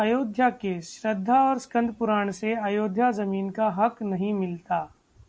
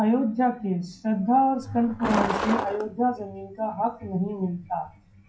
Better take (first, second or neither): first